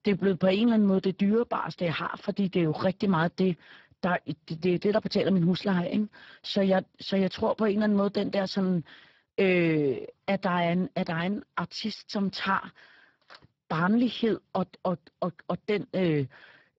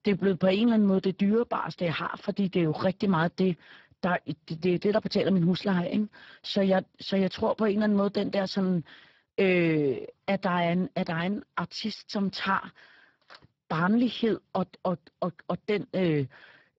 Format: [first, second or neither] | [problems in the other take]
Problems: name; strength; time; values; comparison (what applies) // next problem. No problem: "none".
neither | garbled, watery; badly; nothing above 7.5 kHz; the same in both